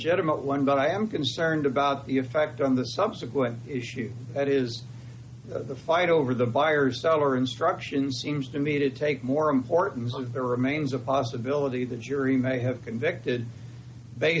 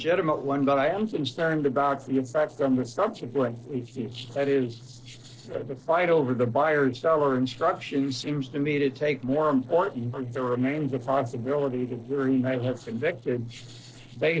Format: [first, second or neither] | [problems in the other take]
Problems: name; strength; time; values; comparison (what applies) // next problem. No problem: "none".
first | noise reduction (neural separator model SepFormer DNS4)